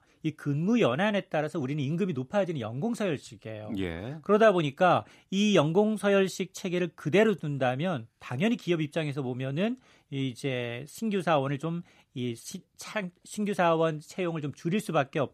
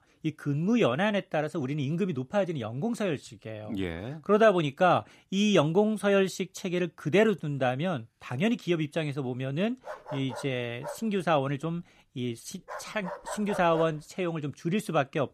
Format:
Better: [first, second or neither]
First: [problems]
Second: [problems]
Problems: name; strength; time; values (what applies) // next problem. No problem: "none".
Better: first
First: none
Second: dog barking; noticeable; from 10 to 14 s; peak 9 dB below the speech